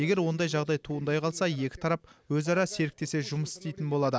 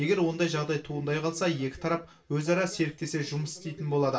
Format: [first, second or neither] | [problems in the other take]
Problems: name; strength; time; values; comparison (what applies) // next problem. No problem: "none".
first | room echo; dies away in 0.2 s